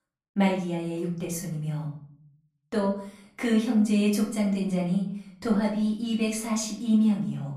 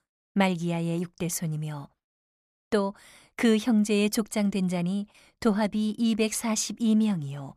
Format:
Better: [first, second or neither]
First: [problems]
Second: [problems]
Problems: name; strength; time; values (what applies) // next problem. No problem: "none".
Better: second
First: room echo; slight; dies away in 0.6 s // off-mic speech; far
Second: none